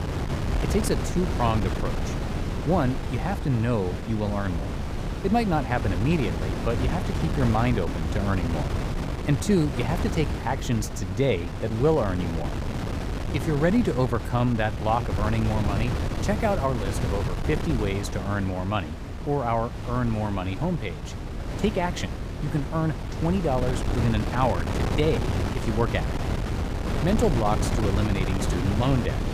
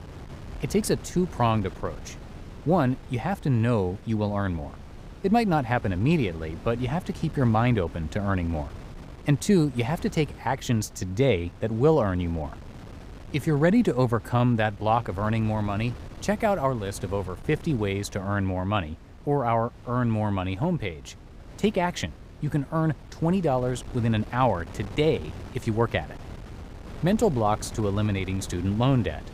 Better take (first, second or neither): second